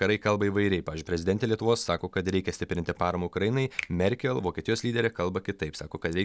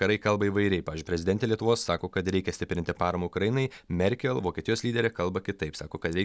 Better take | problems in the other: second | background sound (Finger snapping); 17 dB below the speech

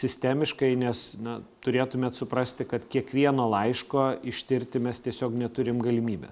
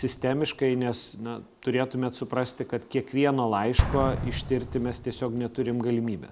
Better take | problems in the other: first | background sound (Explosion); 7 dB below the speech

